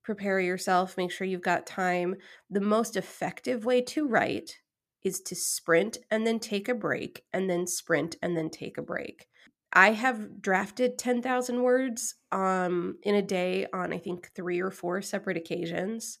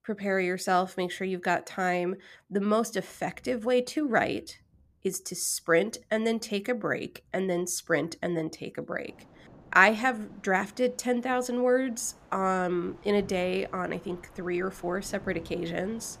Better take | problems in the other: first | rain or running water; faint; throughout; 25 dB below the speech

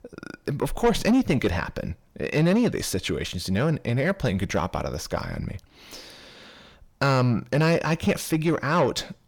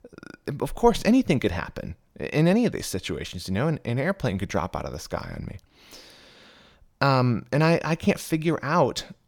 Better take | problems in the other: second | distortion; slight; 10 dB below the speech

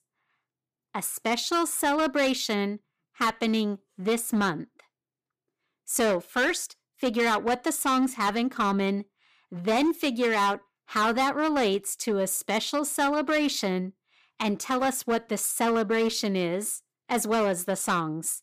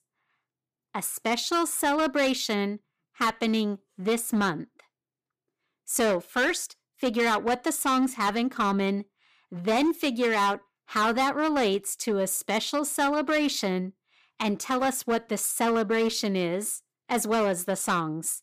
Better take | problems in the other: neither | distortion; slight; 8% of the sound clipped; the same in both

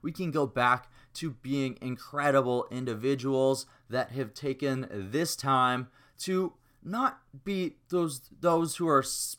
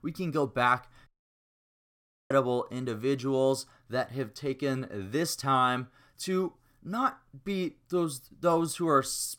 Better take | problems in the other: first | audio cutting out; at 1 s for 1 s

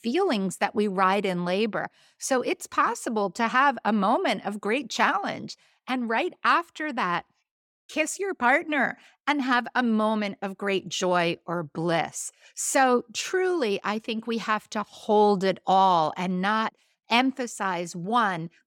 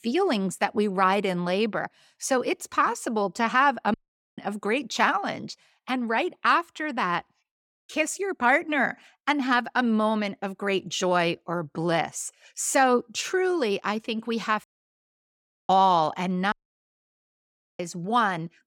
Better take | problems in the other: first | audio cutting out; at 4 s, at 15 s for 1 s and at 17 s for 1.5 s

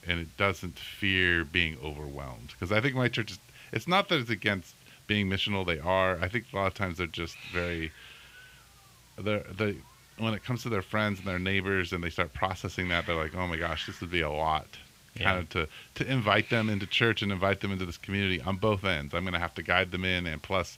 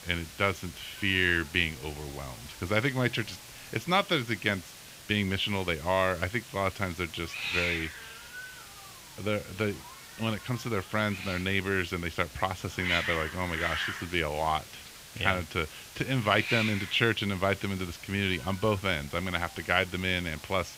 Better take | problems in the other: first | hiss; loud; throughout; 9 dB below the speech; faint in the first

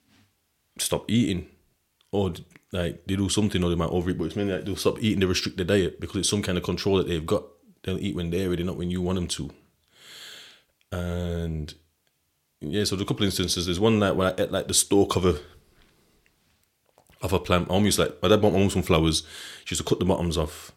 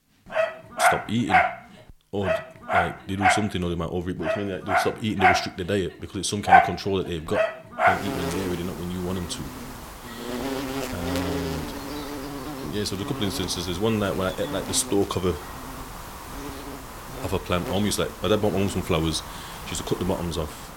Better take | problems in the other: first | animal sounds; very loud; throughout; 1 dB above the speech

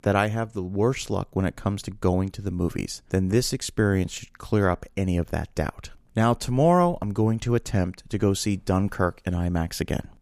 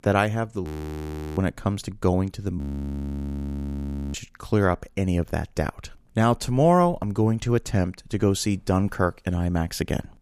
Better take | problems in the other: first | audio freezing; at 0.5 s for 0.5 s and at 2.5 s for 1.5 s

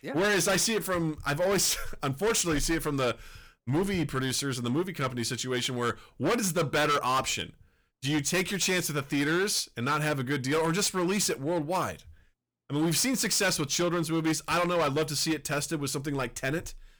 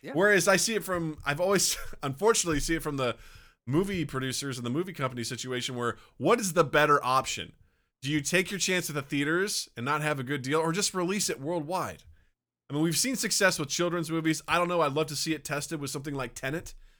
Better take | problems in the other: second | distortion; heavy; 13% of the sound clipped

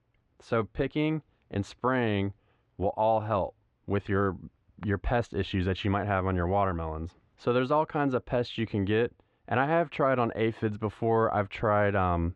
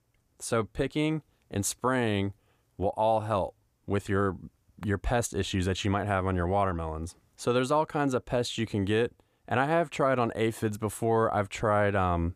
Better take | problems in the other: second | muffled; slightly; fading above 3 kHz

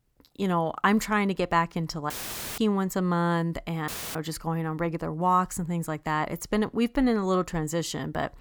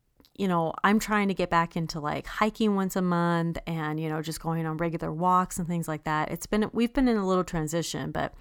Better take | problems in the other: second | audio cutting out; filled with static; at 2 s and at 4 s

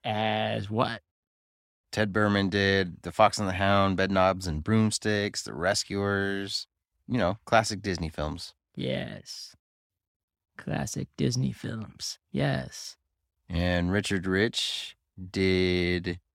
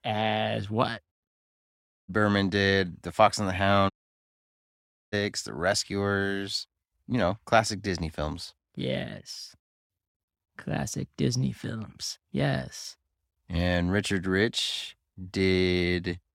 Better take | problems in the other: first | audio cutting out; at 2 s and at 4 s for 1 s

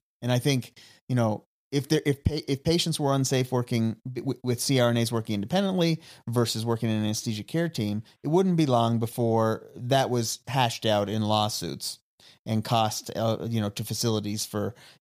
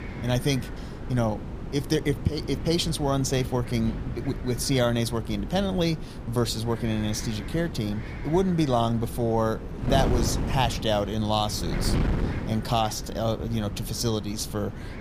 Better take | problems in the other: first | wind noise on the microphone; occasional gusts; 10 dB below the speech

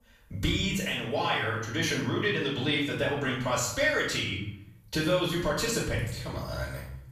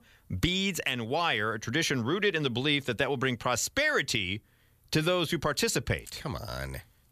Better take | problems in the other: second | off-mic speech; far // room echo; noticeable; dies away in 0.7 s

